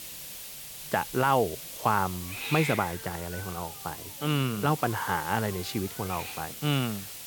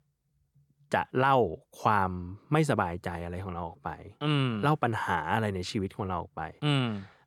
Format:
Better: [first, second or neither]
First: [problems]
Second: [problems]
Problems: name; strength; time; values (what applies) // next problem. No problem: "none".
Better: second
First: hiss; loud; throughout; 8 dB below the speech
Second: none